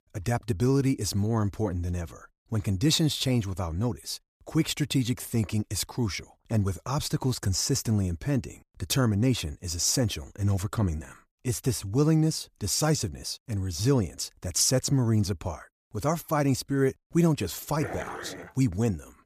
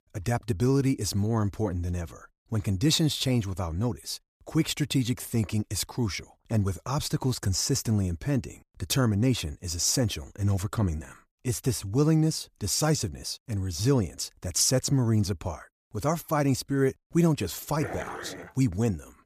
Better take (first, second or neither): neither